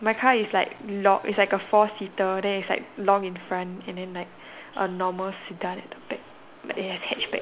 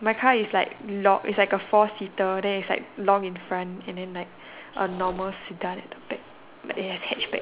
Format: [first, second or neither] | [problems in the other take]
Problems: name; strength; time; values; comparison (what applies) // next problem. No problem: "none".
first | background sound (Mechanisms); 17 dB below the speech